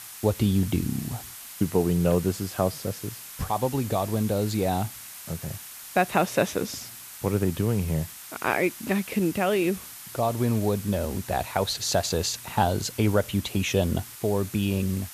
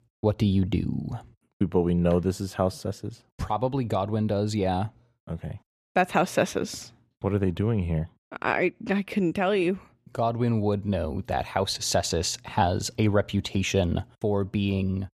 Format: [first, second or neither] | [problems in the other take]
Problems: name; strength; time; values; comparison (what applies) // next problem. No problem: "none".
second | hiss; noticeable; throughout; 15 dB below the speech